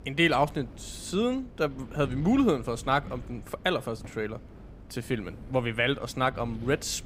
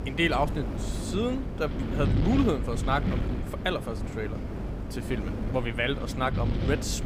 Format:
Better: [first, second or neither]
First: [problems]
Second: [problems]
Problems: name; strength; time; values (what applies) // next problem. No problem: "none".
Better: first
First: wind noise on the microphone; occasional gusts; 25 dB below the speech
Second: wind noise on the microphone; heavy; 8 dB below the speech